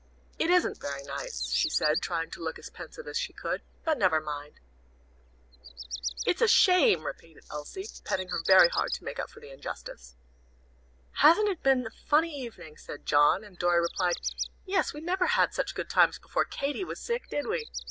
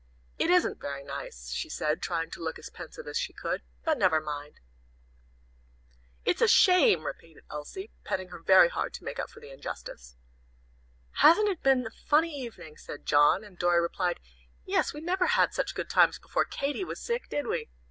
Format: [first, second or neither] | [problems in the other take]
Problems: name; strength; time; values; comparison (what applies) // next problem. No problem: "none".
second | background sound (Bird vocalization, bird call, bird song); 12 dB below the speech